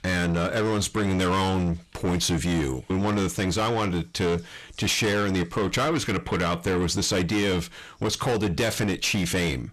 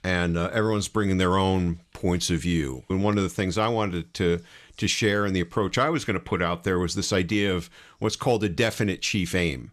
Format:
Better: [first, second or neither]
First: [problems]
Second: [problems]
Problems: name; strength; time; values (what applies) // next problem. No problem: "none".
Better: second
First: distortion; heavy; 7 dB below the speech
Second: none